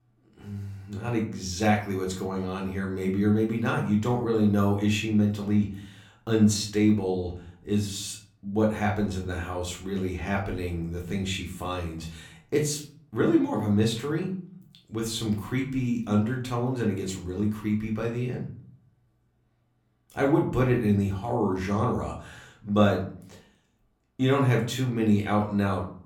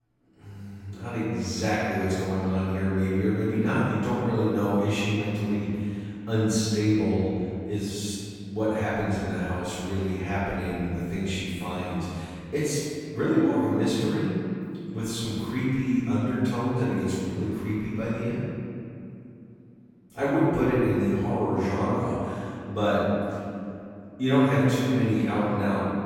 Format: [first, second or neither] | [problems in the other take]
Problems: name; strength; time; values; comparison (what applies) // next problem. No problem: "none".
first | room echo; strong; dies away in 2.4 s; slight in the first // off-mic speech; far; far in the first